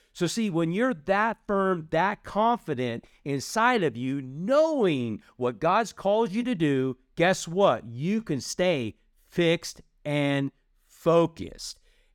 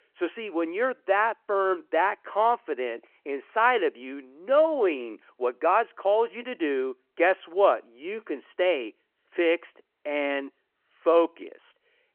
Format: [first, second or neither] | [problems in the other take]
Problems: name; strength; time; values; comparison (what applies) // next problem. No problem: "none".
first | phone-call audio